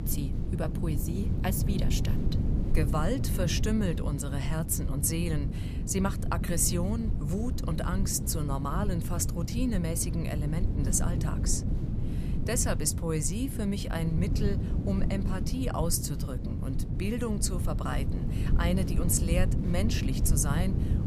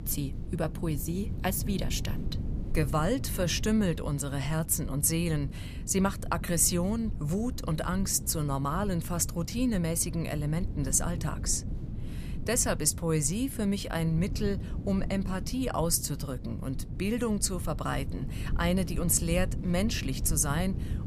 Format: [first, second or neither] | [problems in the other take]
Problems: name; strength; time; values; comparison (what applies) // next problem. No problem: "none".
second | wind noise on the microphone; heavy; 8 dB below the speech; occasional gusts in the second